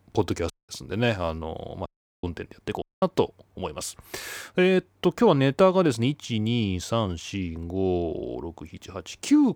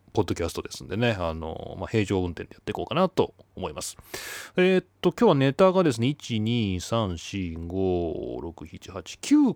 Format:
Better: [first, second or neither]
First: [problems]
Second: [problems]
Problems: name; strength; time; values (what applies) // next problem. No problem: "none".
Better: second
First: audio cutting out; at 0.5 s, at 2 s and at 3 s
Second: none